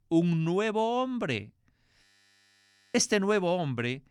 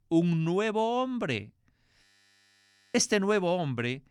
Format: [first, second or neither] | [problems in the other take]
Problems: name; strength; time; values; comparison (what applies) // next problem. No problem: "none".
neither | audio freezing; at 2 s for 1 s; the same in both